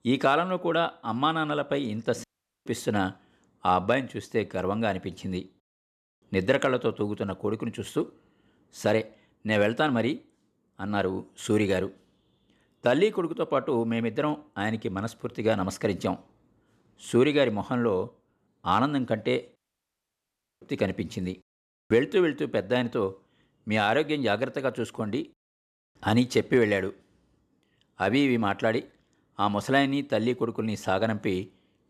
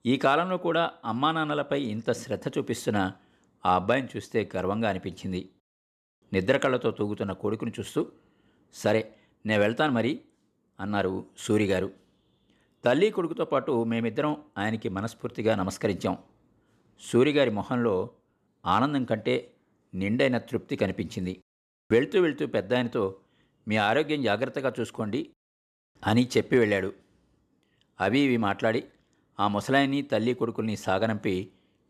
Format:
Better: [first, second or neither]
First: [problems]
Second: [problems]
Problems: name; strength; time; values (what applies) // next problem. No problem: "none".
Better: second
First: audio cutting out; at 2 s and at 20 s for 1 s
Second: none